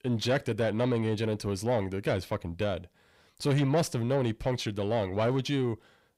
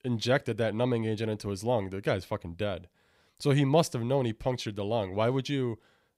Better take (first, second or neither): second